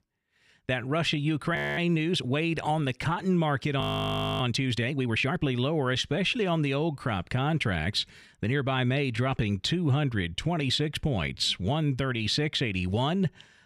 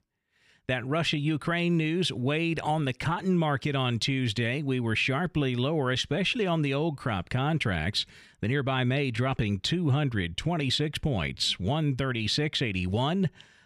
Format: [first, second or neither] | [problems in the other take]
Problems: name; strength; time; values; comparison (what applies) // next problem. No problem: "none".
second | audio freezing; at 1.5 s and at 4 s for 0.5 s